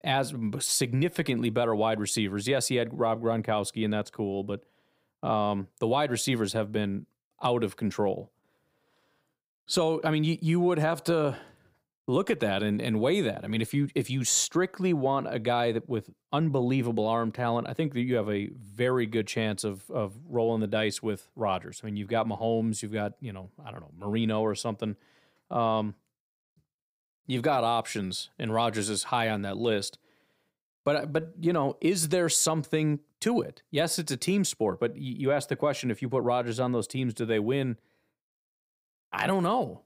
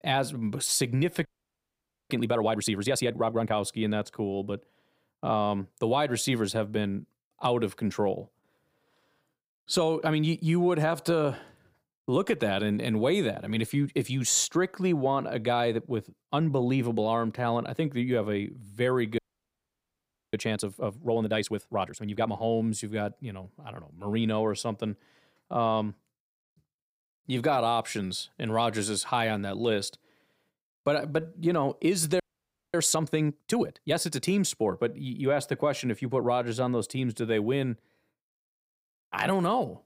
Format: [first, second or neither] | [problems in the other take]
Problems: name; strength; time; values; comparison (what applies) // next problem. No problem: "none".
first | audio freezing; at 1.5 s for 1 s, at 19 s for 1 s and at 32 s for 0.5 s